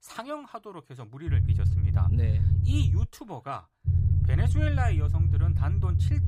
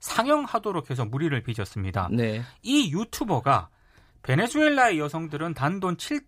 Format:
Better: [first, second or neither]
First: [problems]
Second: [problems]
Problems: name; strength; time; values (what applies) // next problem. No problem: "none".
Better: second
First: low rumble; loud; from 1.5 to 3 s and from 4 s on; 1 dB below the speech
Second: none